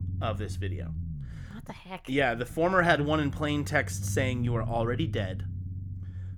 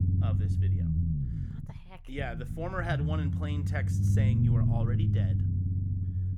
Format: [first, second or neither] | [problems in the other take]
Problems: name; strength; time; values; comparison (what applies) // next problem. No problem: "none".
first | low rumble; loud; throughout; 2 dB below the speech; faint in the first